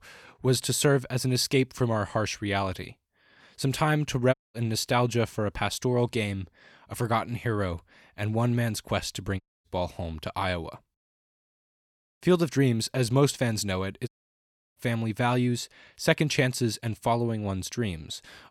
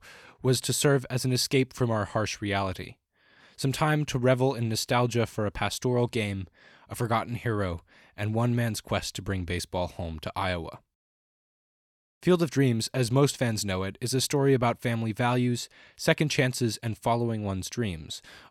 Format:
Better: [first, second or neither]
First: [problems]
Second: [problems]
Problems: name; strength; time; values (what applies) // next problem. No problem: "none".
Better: second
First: audio cutting out; at 4.5 s, at 9.5 s and at 14 s for 0.5 s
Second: none